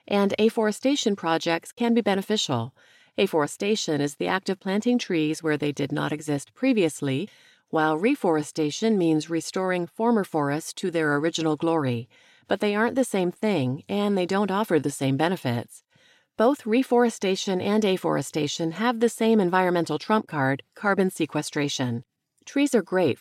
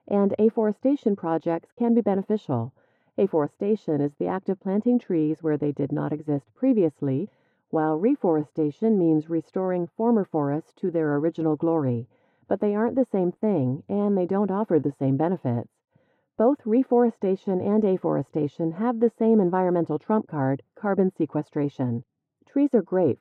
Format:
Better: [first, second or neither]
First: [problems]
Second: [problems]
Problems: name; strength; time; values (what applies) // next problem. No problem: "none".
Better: first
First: none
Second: muffled; very; fading above 2 kHz